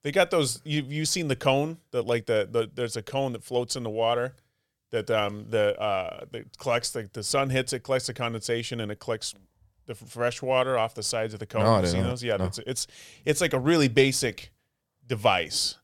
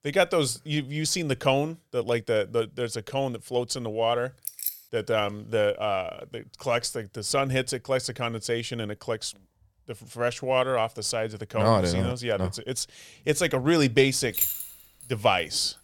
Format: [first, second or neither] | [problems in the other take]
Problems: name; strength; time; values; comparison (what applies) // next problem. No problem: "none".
first | jangling keys; noticeable; at 4.5 s; peak 4 dB below the speech // jangling keys; loud; at 14 s; peak 2 dB above the speech